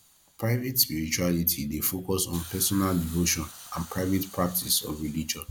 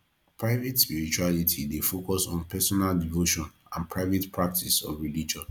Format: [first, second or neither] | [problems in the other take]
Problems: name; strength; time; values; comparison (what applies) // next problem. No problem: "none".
second | background sound (Hiss); 19 dB below the speech